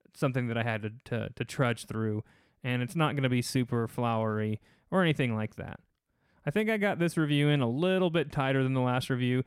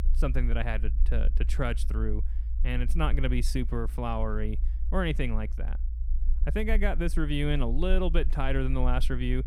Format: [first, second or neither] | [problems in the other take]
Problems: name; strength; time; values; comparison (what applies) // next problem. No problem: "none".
first | low rumble; noticeable; throughout; 20 dB below the speech